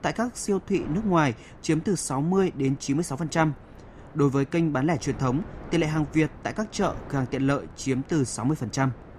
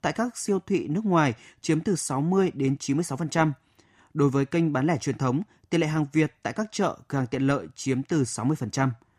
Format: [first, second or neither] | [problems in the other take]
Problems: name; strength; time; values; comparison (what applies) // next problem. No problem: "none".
second | wind noise on the microphone; occasional gusts; 20 dB below the speech